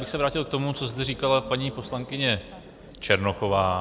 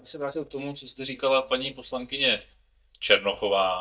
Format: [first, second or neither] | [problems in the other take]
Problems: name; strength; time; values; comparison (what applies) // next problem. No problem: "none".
first | noise reduction (neural mask model DeepFilterNet 3)